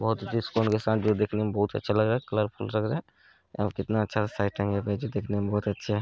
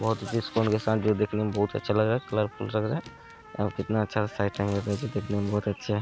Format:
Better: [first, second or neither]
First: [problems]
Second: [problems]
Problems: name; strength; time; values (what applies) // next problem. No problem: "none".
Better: first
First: none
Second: background sound (Trumpet + Car); 19 dB below the speech